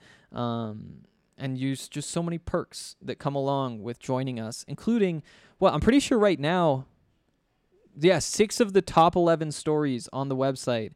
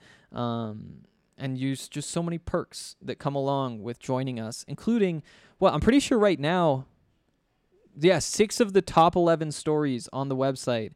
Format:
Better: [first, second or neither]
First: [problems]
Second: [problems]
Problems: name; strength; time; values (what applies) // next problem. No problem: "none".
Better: neither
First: none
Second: none